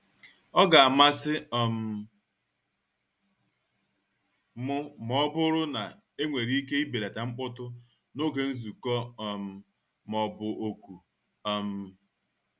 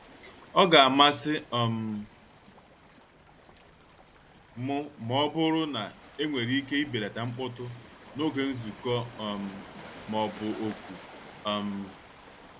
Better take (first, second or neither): first